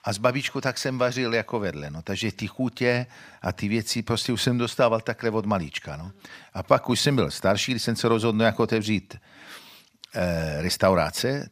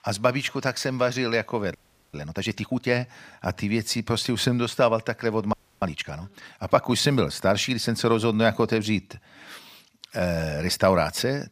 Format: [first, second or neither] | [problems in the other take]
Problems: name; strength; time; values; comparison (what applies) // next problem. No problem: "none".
first | audio freezing; at 1.5 s and at 5.5 s